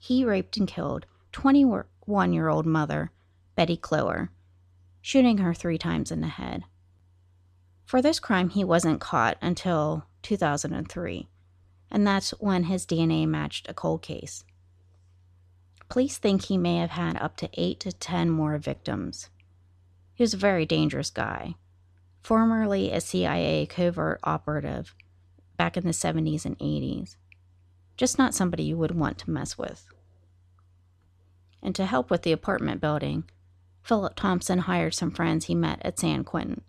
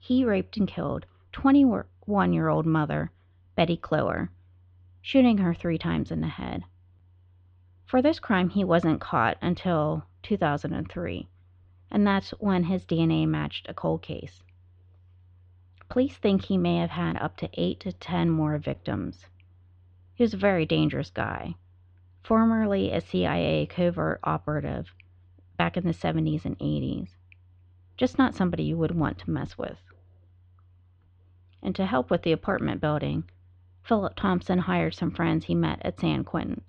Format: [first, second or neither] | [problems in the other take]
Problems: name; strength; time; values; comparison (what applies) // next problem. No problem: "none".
first | muffled; slightly; fading above 3.5 kHz